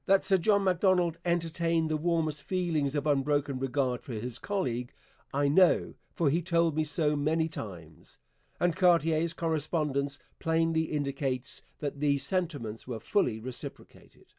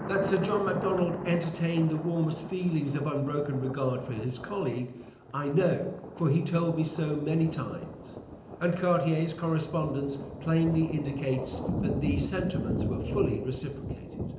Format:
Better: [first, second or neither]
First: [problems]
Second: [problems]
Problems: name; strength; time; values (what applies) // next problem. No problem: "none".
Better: first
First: none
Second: background sound (Thunder); 7 dB below the speech // room echo; dies away in 0.8 s